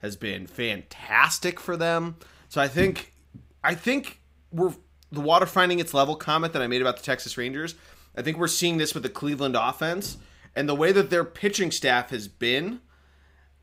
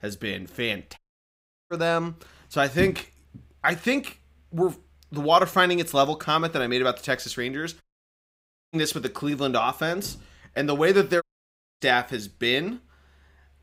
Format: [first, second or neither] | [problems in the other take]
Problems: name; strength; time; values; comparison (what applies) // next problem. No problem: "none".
first | audio cutting out; at 1 s for 0.5 s, at 8 s for 1 s and at 11 s for 0.5 s